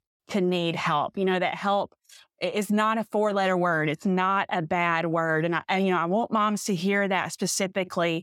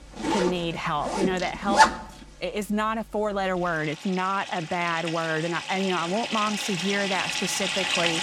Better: first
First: none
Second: household noises; very loud; throughout; as loud as the speech

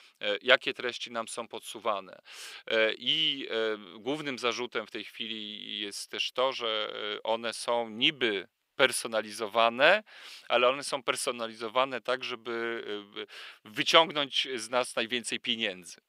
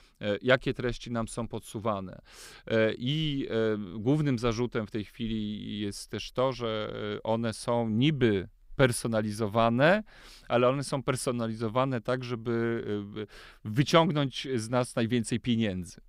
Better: second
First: thin; somewhat; fading below 500 Hz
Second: none

